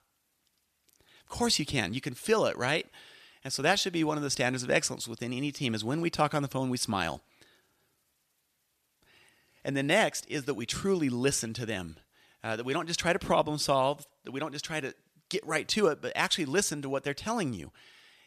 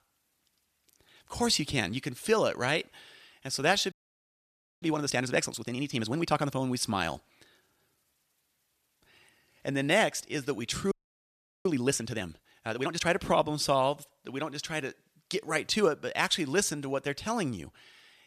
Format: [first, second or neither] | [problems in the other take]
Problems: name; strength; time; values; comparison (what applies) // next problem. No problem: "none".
first | audio freezing; at 4 s for 1 s and at 11 s for 0.5 s